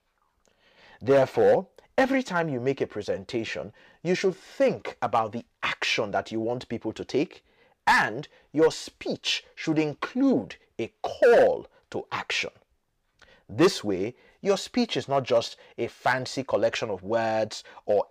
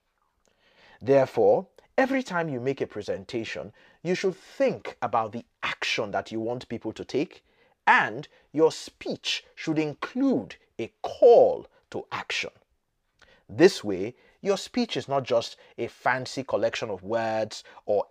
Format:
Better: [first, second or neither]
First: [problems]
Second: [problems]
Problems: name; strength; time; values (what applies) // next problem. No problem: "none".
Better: second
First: distortion; slight; 1.8% of the sound clipped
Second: none